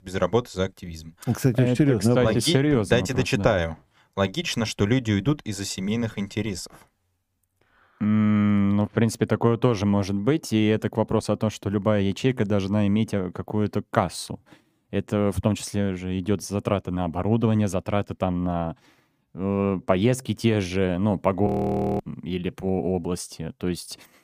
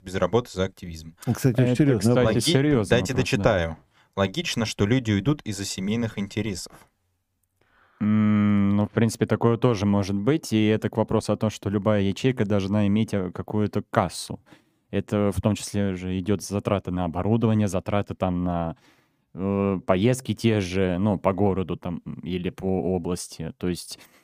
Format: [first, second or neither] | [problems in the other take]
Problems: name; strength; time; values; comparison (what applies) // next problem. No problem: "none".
second | audio freezing; at 21 s for 0.5 s